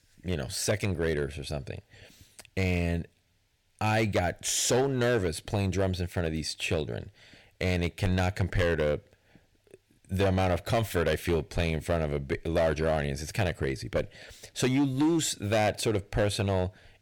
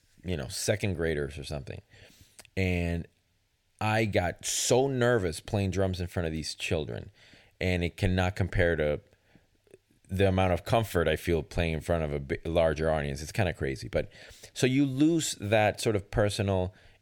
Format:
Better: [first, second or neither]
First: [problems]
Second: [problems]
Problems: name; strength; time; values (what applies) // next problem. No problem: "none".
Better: second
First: distortion; slight; 6% of the sound clipped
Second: none